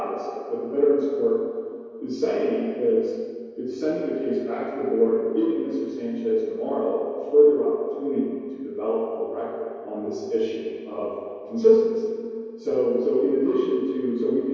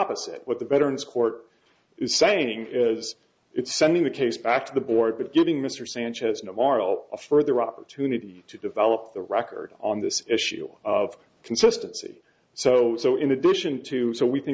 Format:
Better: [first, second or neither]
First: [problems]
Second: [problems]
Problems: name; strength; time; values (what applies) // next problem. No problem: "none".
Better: second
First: room echo; dies away in 2.2 s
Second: none